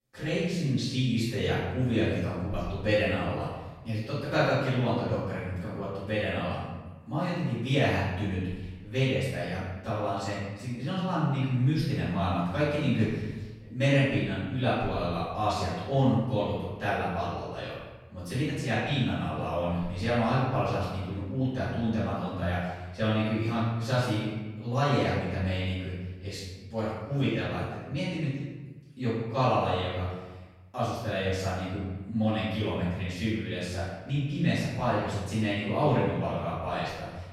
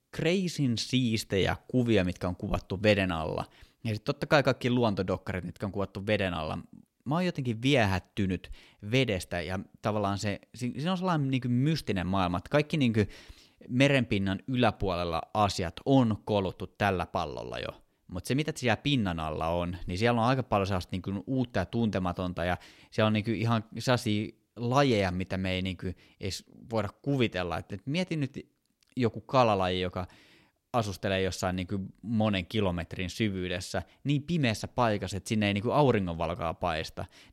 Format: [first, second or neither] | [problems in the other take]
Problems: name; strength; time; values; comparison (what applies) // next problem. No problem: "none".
second | off-mic speech; far // room echo; strong; dies away in 1 s